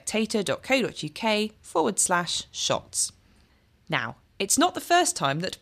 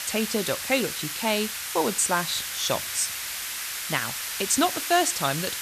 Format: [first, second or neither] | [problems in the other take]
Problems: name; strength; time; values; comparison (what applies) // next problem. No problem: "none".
first | hiss; loud; throughout; 4 dB below the speech